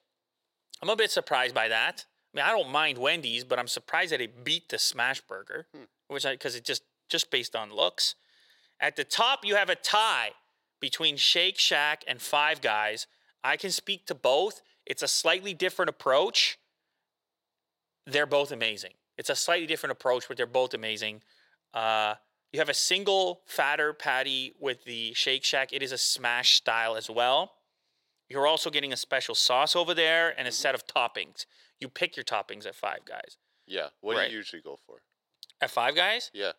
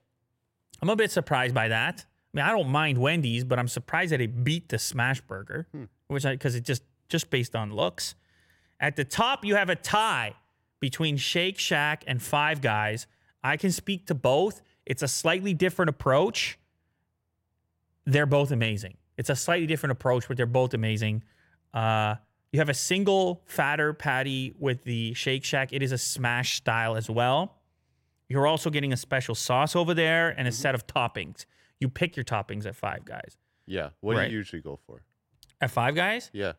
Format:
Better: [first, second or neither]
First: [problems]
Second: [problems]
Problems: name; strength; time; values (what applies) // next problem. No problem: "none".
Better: second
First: thin; very; fading below 500 Hz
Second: none